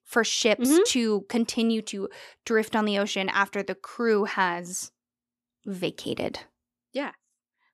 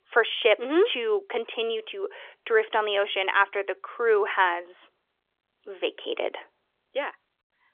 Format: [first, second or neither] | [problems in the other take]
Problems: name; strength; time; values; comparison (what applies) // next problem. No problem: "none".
first | phone-call audio; nothing above 3.5 kHz